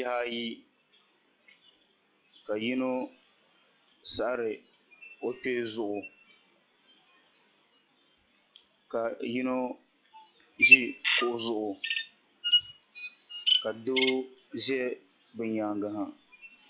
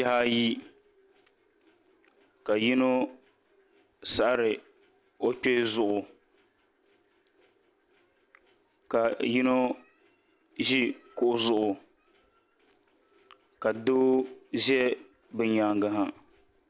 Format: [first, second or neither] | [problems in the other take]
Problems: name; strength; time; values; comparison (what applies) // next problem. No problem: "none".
second | noise reduction (classical method log-MMSE)